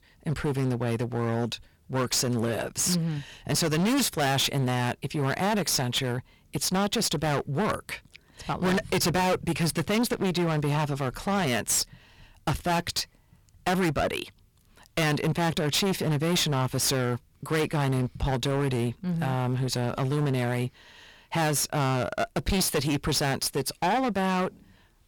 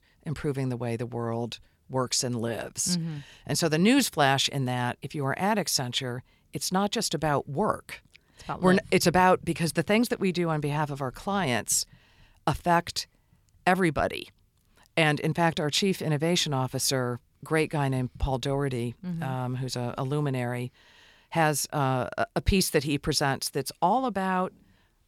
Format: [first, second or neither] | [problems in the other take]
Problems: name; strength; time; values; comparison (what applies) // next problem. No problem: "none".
second | distortion; heavy; 20% of the sound clipped